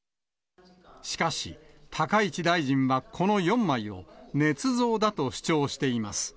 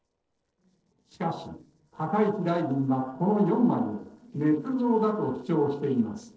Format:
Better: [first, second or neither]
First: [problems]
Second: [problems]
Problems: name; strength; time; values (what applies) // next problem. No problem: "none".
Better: first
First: none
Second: noise reduction (neural separator model SepFormer DNS4)